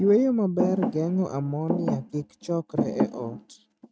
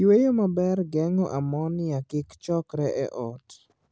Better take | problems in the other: second | noise reduction (neural mask model RNNoise)

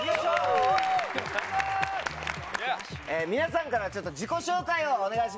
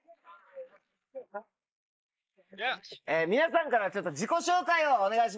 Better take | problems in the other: first | noise reduction (neural mask model Resemble Enhance denoiser)

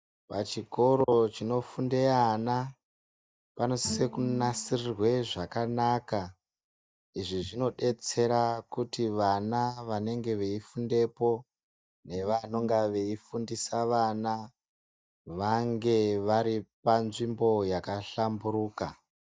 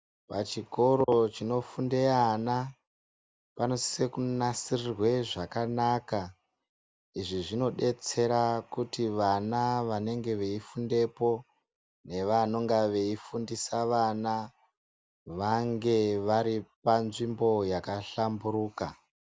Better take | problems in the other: second | noise reduction (neural mask model DeepFilterNet 3)

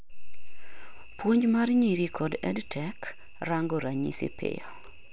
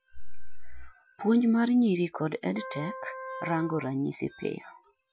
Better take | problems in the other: first | noise reduction (classical method Wiener filter)

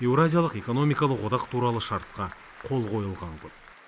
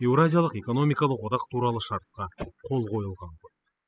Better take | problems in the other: first | noise reduction (classical method spectral subtraction)

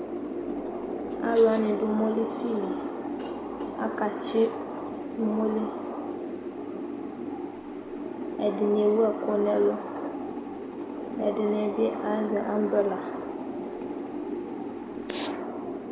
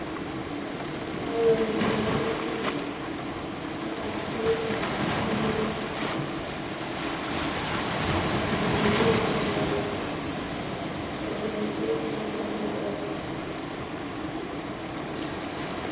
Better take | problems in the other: first | background sound (Waves, surf); 1 dB above the speech // room echo; dies away in 1.1 s

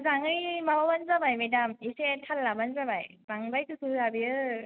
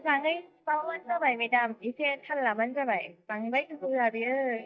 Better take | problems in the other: first | noise reduction (neural mask model DeepFilterNet 3)

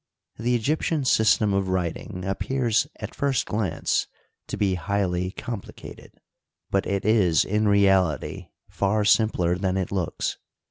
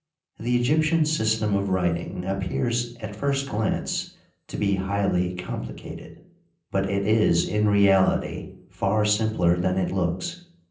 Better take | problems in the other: first | room echo; dies away in 0.6 s

